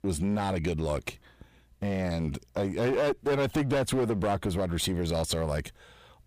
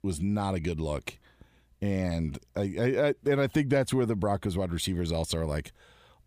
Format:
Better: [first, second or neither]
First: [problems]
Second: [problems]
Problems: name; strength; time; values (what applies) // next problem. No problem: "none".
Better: second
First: distortion; heavy; 15% of the sound clipped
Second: none